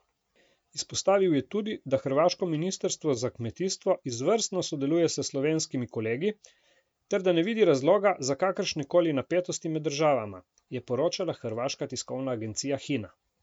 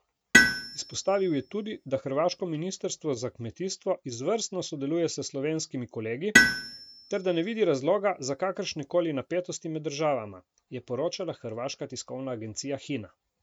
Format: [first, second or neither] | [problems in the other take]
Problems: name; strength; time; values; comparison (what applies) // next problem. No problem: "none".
first | background sound (Tools); 2 dB above the speech